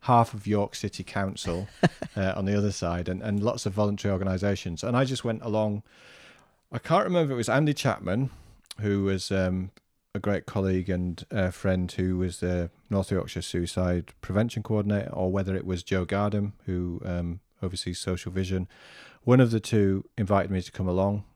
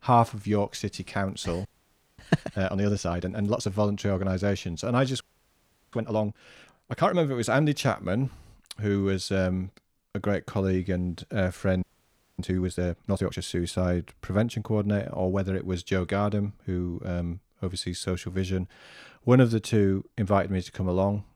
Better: first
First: none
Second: audio freezing; at 1.5 s for 0.5 s, at 5 s for 0.5 s and at 12 s for 0.5 s

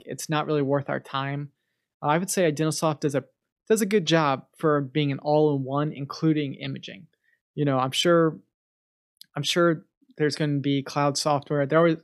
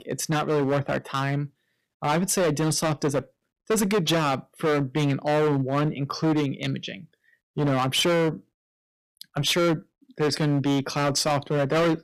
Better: first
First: none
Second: distortion; heavy; 15% of the sound clipped

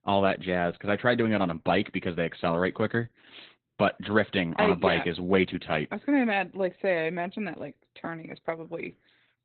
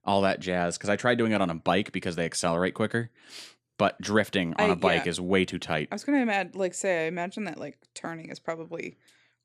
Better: second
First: garbled, watery; badly; nothing above 4 kHz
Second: none

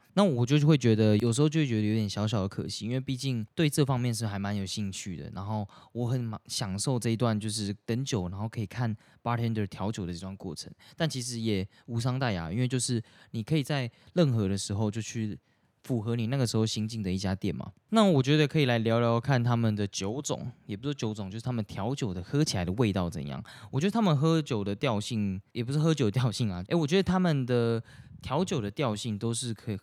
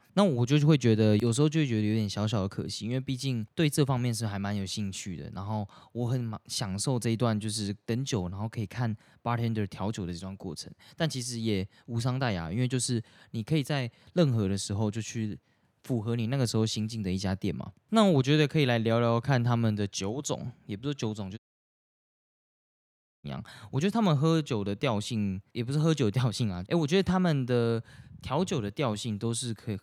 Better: first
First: none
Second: audio cutting out; at 21 s for 2 s

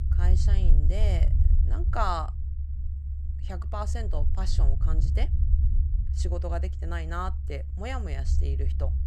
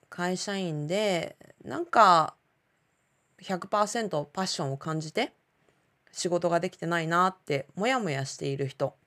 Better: second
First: low rumble; noticeable; throughout; 10 dB below the speech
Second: none

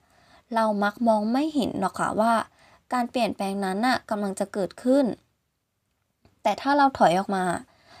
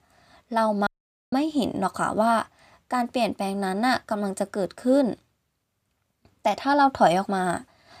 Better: first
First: none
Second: audio cutting out; at 1 s

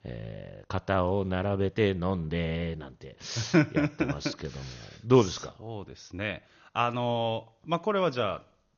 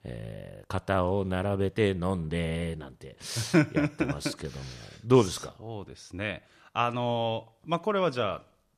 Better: second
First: garbled, watery; slightly; nothing above 6.5 kHz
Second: none

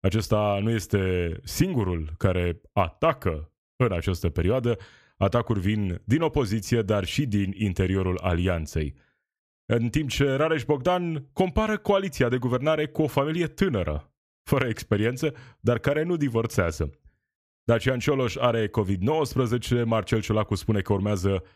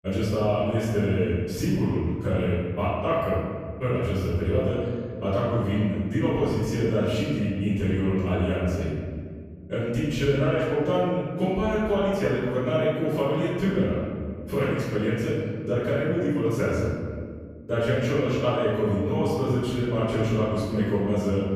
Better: first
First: none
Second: off-mic speech; far // room echo; strong; dies away in 1.9 s

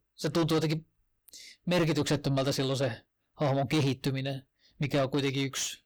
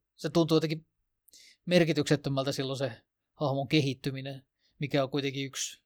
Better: second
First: distortion; heavy; 6 dB below the speech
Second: none

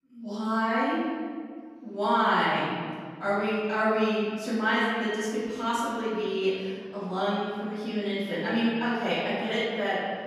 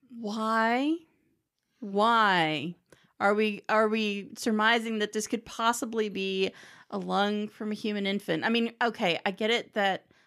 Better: second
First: room echo; strong; dies away in 1.9 s // off-mic speech; far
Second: none

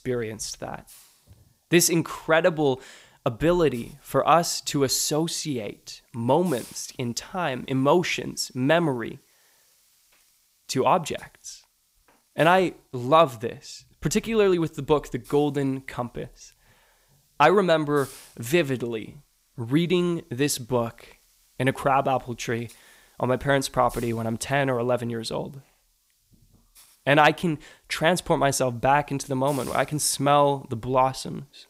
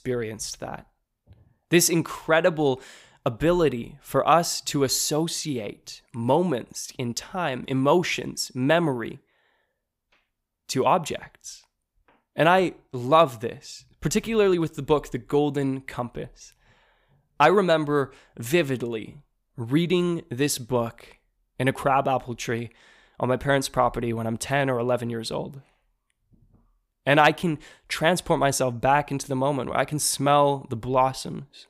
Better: second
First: hiss; faint; throughout; 25 dB below the speech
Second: none

